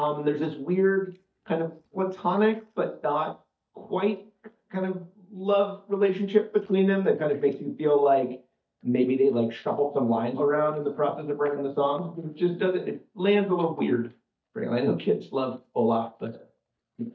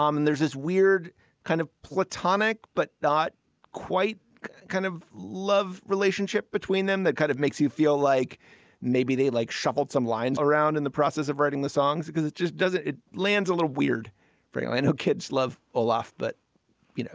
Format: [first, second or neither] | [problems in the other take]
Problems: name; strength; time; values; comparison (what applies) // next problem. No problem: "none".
second | noise reduction (neural mask model DeepFilterNet 3)